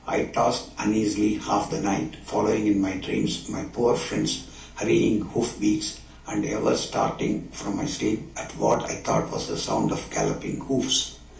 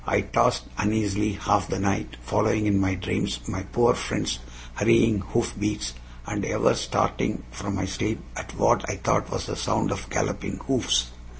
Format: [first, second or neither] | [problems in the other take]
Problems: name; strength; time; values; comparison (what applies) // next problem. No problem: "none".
second | background sound (Telephone); 20 dB below the speech // room echo; dies away in 0.4 s